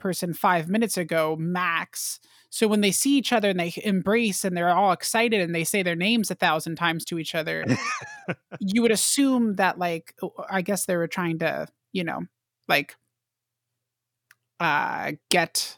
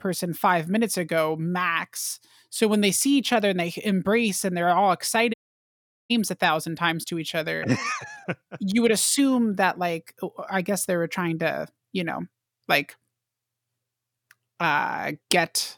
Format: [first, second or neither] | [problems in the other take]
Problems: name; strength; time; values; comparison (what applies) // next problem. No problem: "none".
first | audio cutting out; at 5.5 s for 1 s